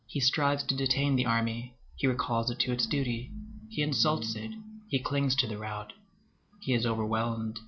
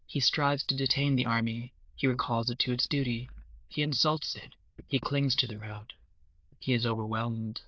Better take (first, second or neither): first